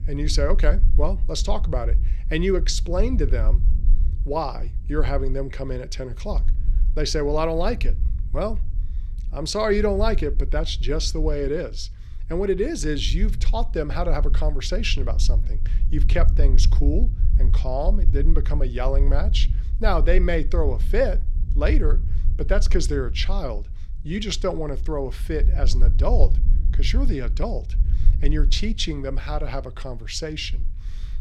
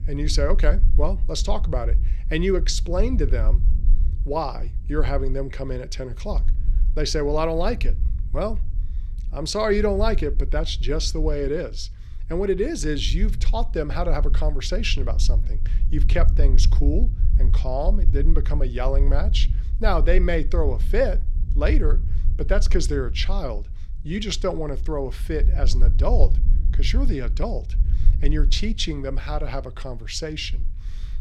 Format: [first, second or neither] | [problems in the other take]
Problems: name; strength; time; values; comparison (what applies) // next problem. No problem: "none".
neither | low rumble; noticeable; throughout; 20 dB below the speech; the same in both